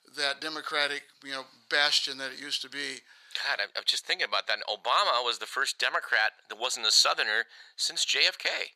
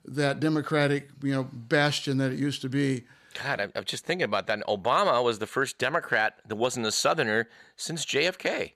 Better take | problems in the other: second | thin; very; fading below 900 Hz

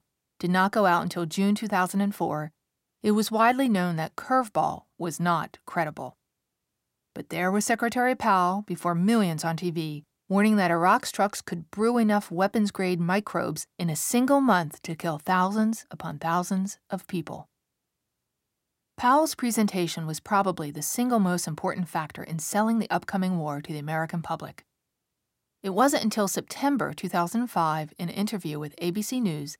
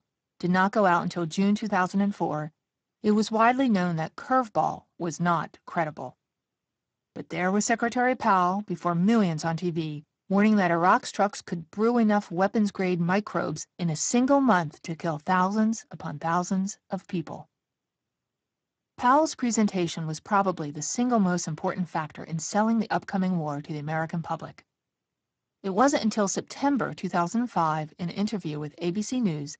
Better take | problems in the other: first | garbled, watery; badly; nothing above 7.5 kHz

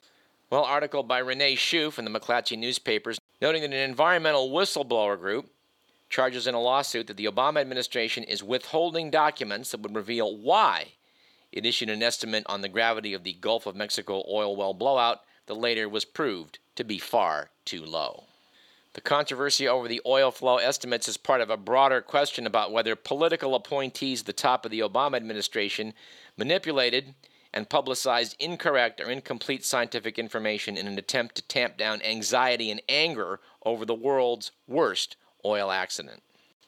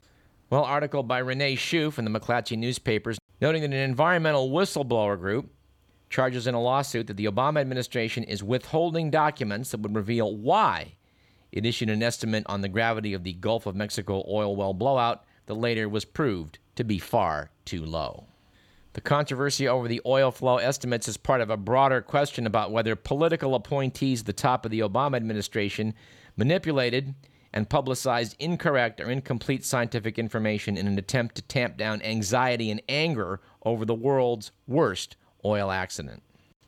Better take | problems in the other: second | thin; somewhat; fading below 350 Hz

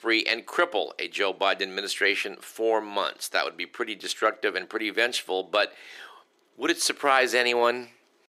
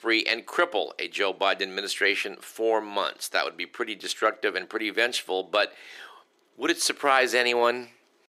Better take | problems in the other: neither | thin; very; fading below 350 Hz; the same in both

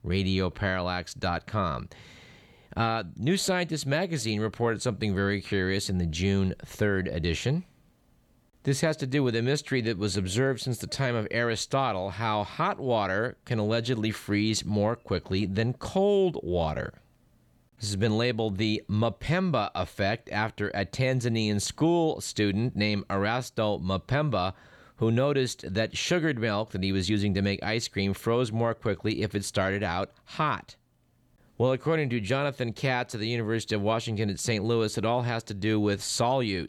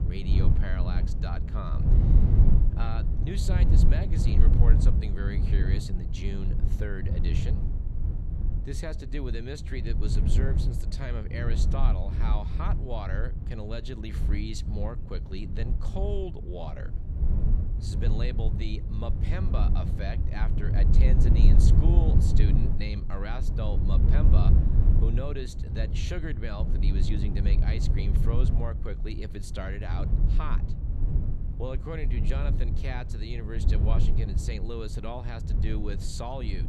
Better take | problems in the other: first | wind noise on the microphone; heavy; 3 dB below the speech

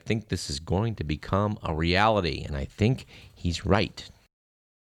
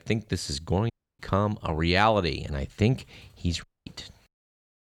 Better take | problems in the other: first | audio cutting out; at 1 s and at 3.5 s

